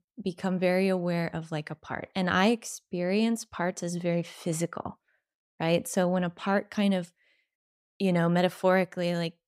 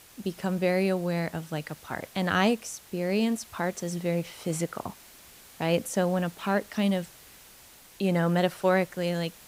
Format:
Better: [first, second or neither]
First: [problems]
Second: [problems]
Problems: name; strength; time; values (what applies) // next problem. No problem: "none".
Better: first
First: none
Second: hiss; faint; throughout; 20 dB below the speech